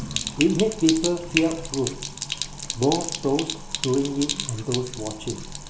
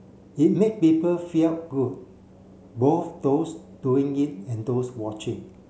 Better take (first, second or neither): second